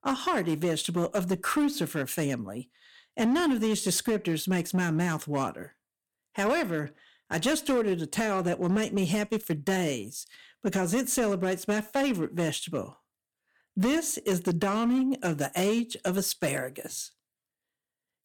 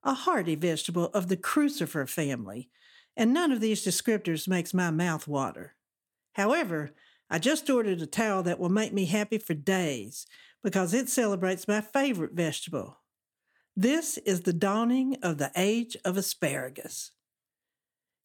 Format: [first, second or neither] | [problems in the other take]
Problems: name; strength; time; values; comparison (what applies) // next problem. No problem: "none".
second | distortion; slight; 7% of the sound clipped